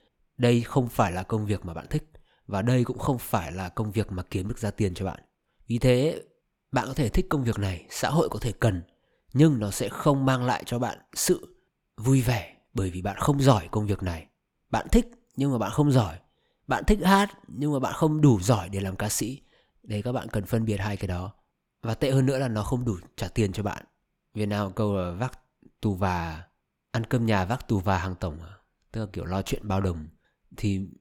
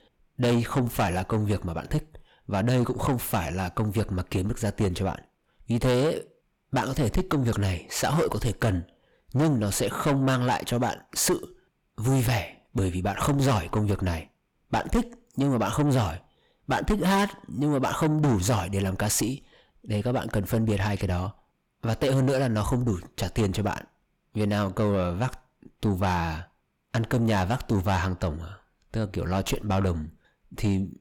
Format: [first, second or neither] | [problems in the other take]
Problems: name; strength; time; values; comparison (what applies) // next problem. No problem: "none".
first | distortion; heavy; 7 dB below the speech